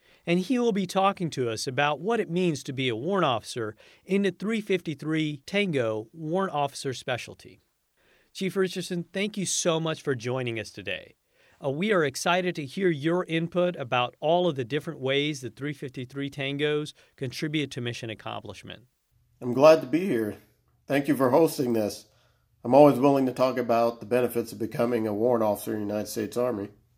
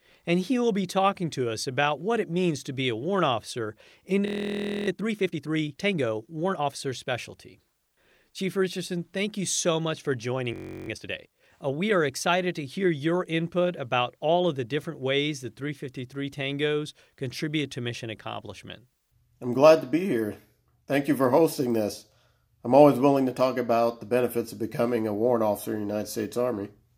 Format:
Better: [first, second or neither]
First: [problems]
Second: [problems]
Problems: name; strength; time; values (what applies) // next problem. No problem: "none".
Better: first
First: none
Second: audio freezing; at 4.5 s for 0.5 s and at 11 s